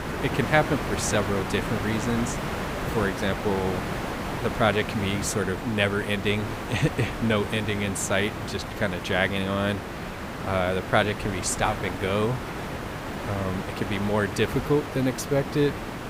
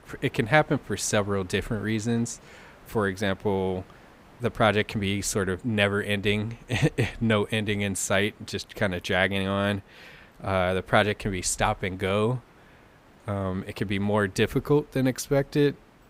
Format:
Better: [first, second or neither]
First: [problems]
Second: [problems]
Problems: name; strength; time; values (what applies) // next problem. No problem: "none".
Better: second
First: hiss; loud; throughout; 6 dB below the speech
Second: hiss; faint; throughout; 30 dB below the speech